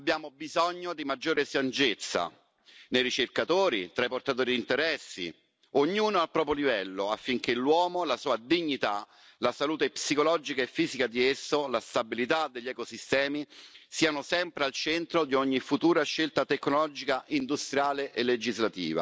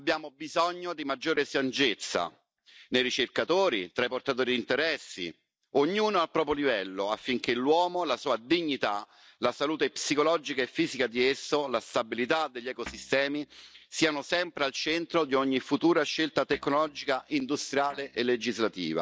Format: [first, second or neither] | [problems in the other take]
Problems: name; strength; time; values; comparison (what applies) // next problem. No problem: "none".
first | noise reduction (neural mask model DeepFilterNet 3)